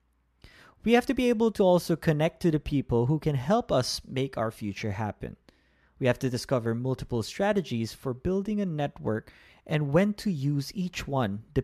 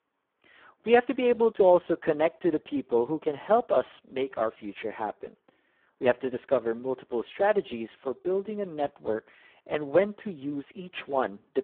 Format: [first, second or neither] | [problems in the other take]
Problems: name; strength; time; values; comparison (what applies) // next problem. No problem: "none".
first | phone-call audio; poor line